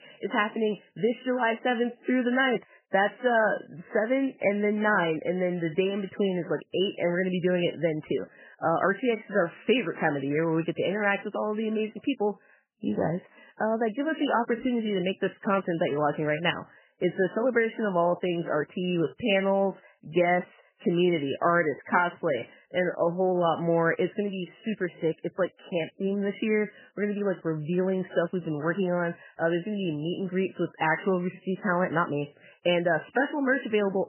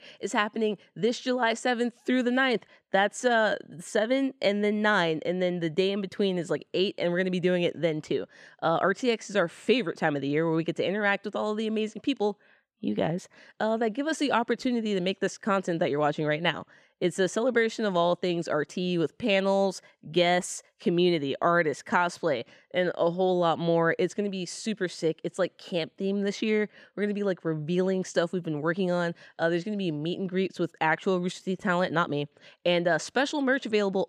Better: second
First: garbled, watery; badly; nothing above 3 kHz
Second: none

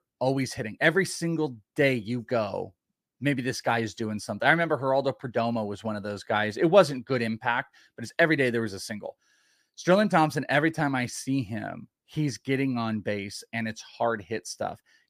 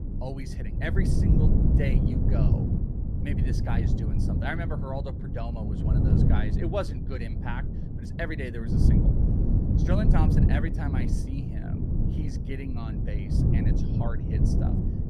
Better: first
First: none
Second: wind noise on the microphone; heavy; as loud as the speech

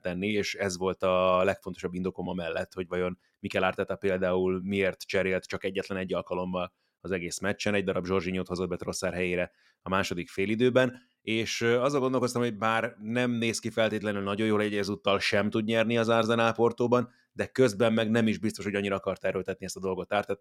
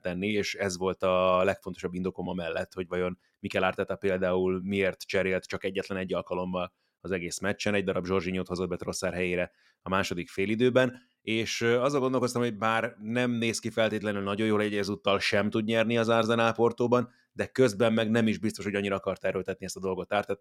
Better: neither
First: none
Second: none

